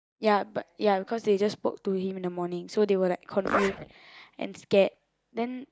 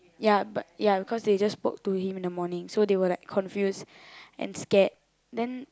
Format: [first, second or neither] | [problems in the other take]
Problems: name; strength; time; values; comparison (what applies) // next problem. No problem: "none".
second | noise reduction (neural mask model DeepFilterNet 3)